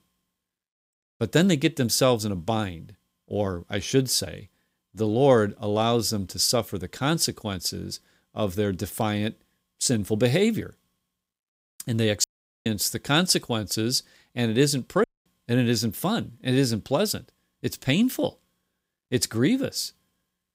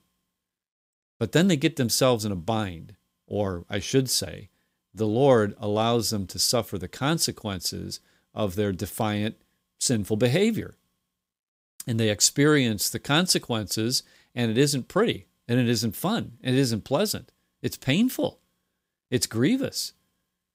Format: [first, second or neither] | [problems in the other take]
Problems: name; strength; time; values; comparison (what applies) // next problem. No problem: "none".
second | audio cutting out; at 12 s and at 15 s